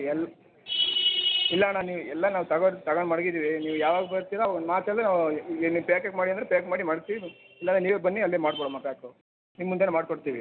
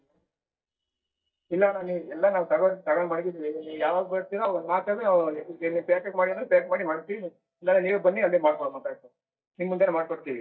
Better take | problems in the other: first | noise reduction (neural mask model DeepFilterNet 3)

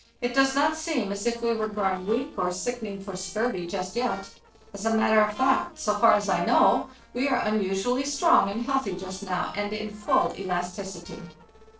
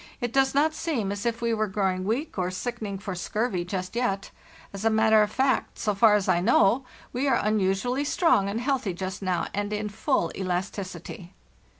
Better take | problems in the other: second | noise reduction (neural separator model SepFormer DNS4)

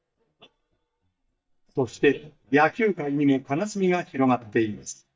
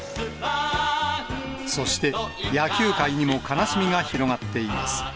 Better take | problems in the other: second | noise reduction (neural mask model DeepFilterNet 3)

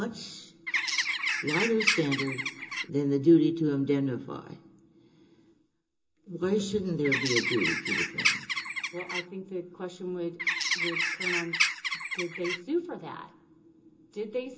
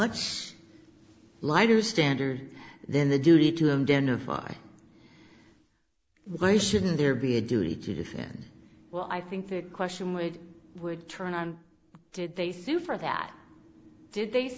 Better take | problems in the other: second | background sound (Bird); 1 dB above the speech // room echo; dies away in 0.2 s

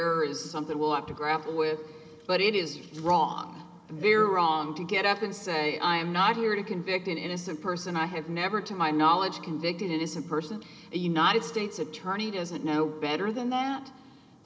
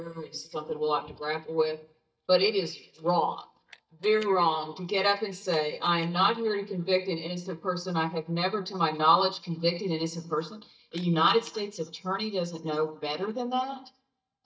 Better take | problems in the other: first | noise reduction (neural mask model DeepFilterNet 3)

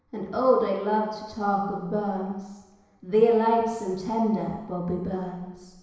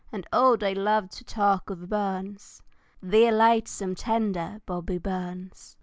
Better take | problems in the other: second | room echo; dies away in 1 s

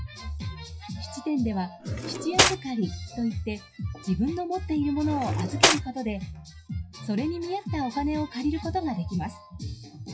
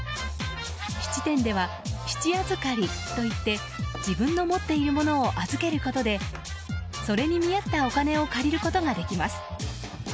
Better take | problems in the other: second | noise reduction (classical method WPE with log-MMSE)

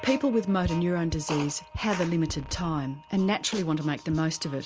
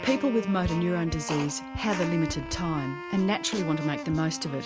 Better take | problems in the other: first | background sound (Wind instrument, woodwind instrument); 10 dB below the speech

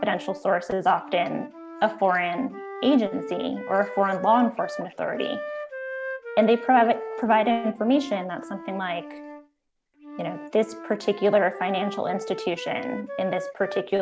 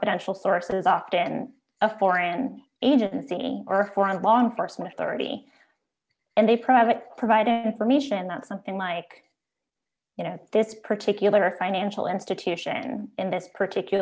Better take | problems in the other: second | background sound (Wind instrument, woodwind instrument); 12 dB below the speech

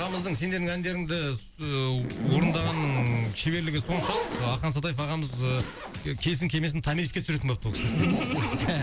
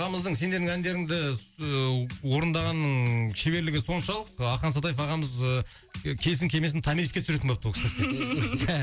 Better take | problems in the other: second | background sound (Zipper (clothing)); 6 dB below the speech

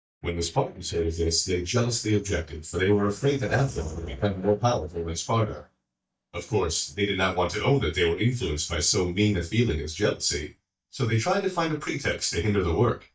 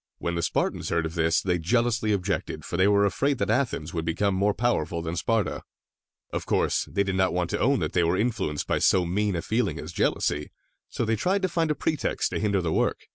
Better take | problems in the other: second | noise reduction (neural mask model DeepFilterNet 3)

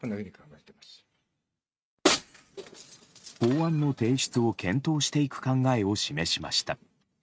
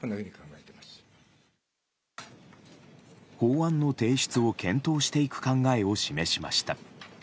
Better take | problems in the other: second | noise reduction (neural mask model RNNoise)

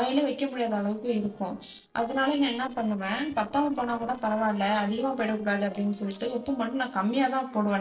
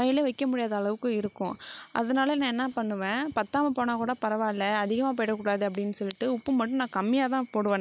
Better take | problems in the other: second | noise reduction (neural separator model SepFormer DNS4)

